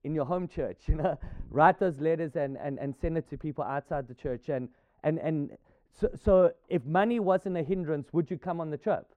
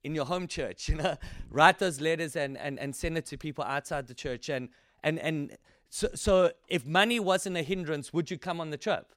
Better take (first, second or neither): second